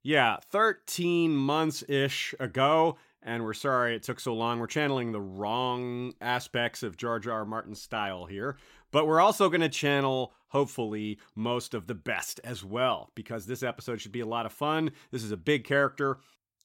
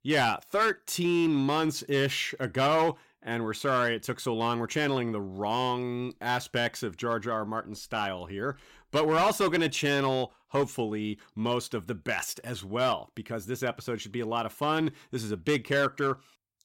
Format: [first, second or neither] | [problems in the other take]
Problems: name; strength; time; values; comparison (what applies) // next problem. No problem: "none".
first | distortion; slight; 5% of the sound clipped